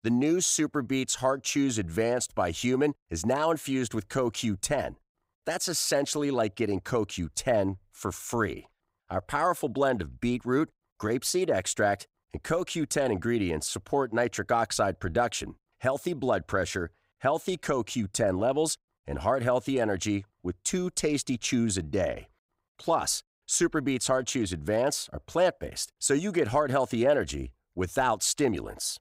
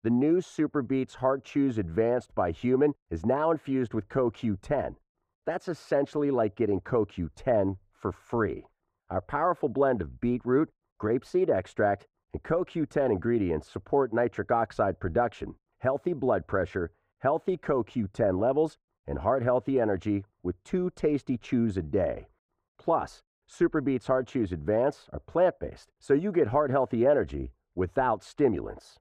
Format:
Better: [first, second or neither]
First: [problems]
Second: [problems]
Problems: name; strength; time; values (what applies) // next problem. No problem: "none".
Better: first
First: none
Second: muffled; very; fading above 3.5 kHz